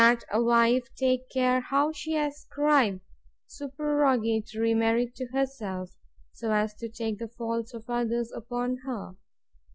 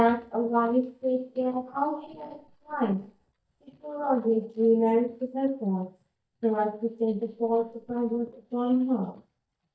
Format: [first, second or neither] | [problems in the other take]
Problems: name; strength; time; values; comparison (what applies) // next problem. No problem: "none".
first | noise reduction (neural mask model DeepFilterNet 3)